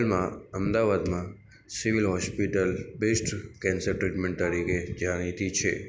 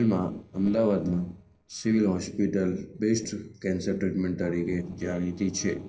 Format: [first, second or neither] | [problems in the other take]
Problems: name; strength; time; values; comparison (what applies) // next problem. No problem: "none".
first | noise reduction (neural separator model SepFormer DNS4)